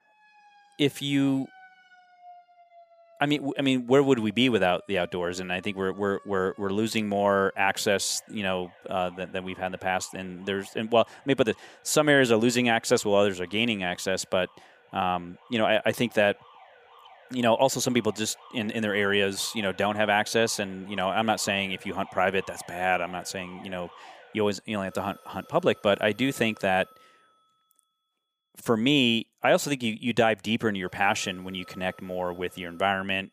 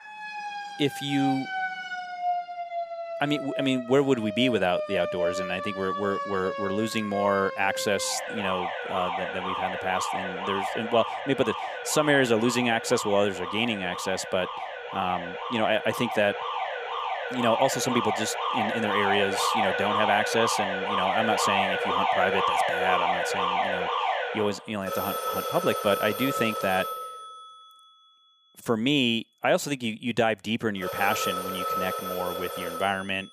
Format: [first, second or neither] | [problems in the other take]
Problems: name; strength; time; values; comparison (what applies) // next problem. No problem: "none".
first | alarms or sirens; loud; throughout; 3 dB below the speech; faint in the first